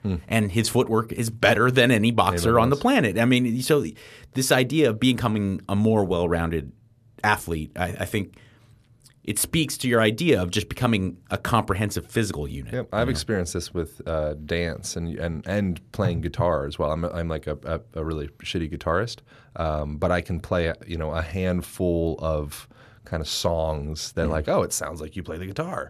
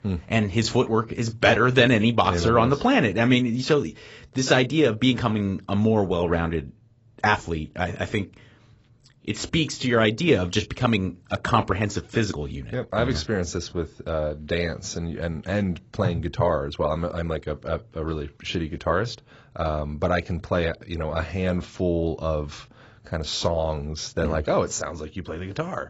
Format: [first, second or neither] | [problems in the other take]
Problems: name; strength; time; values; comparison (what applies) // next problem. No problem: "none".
first | garbled, watery; badly; nothing above 7.5 kHz